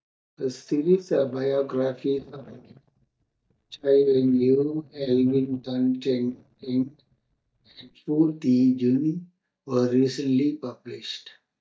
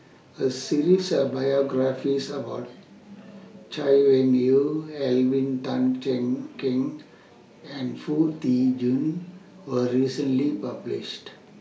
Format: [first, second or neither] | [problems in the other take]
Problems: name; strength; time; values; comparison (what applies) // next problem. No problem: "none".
second | noise reduction (neural mask model DeepFilterNet 3)